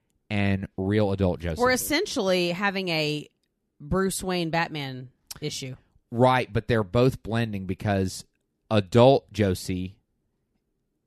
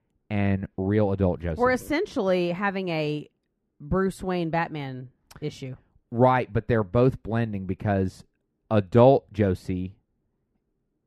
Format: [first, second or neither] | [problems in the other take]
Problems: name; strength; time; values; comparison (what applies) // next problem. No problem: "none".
first | muffled; slightly; fading above 3 kHz